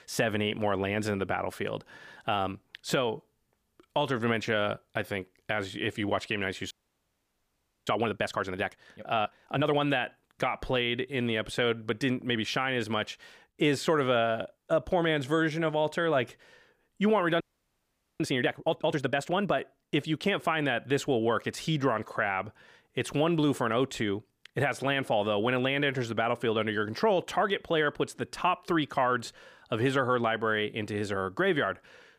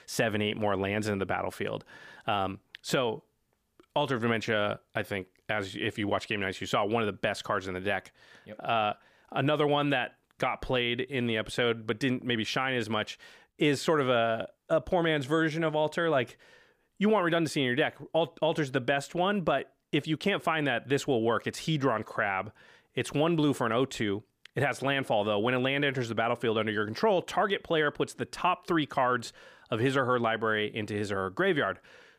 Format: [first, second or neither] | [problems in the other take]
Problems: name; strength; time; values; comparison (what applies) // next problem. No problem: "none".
second | audio freezing; at 6.5 s for 1 s and at 17 s for 1 s